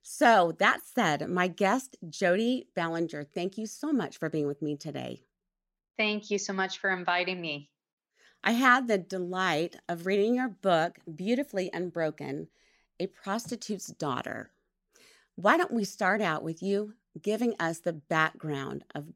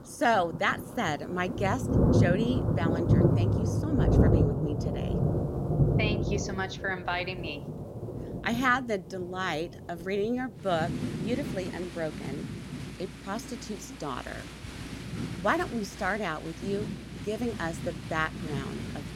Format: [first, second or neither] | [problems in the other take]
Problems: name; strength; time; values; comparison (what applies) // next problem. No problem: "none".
first | rain or running water; very loud; throughout; 2 dB above the speech